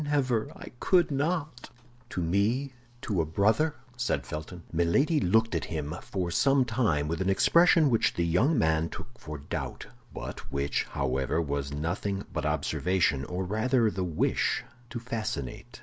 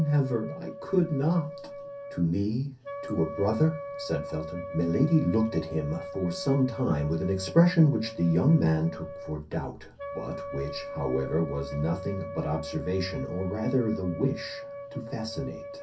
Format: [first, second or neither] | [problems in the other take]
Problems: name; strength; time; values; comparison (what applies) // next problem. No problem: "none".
first | background sound (Wind instrument, woodwind instrument); 11 dB below the speech // room echo; dies away in 0.3 s